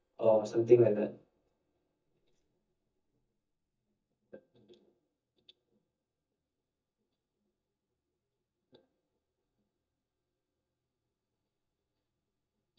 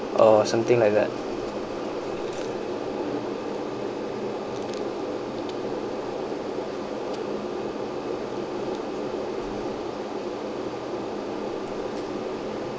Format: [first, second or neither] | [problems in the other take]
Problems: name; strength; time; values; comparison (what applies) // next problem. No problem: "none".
second | noise reduction (neural mask model DeepFilterNet 3)